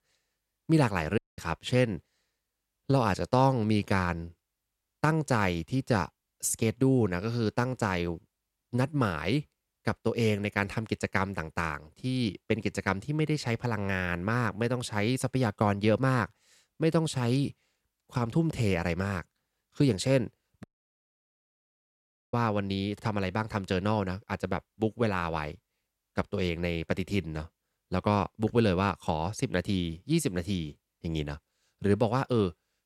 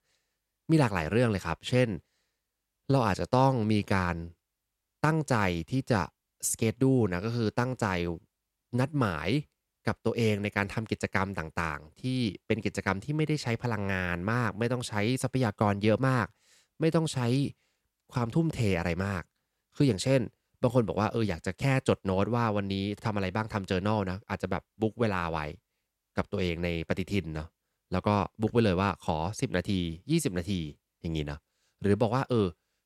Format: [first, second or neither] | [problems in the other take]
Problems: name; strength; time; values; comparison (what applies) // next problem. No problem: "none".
second | audio cutting out; at 1 s and at 21 s for 1.5 s